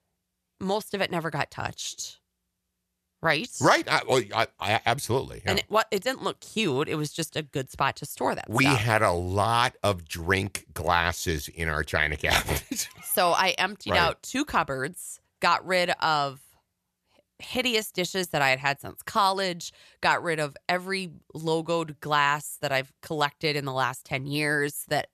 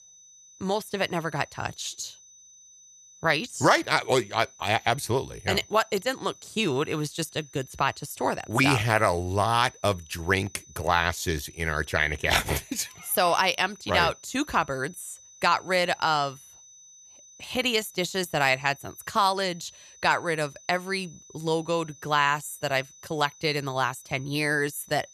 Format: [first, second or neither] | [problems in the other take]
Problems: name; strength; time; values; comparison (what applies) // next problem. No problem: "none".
first | high-pitched whine; faint; throughout; 6 kHz, 25 dB below the speech